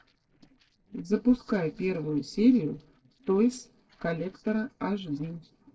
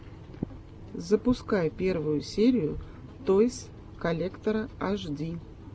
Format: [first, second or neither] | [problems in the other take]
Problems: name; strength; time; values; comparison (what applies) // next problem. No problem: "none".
second | noise reduction (neural separator model SepFormer DNS4)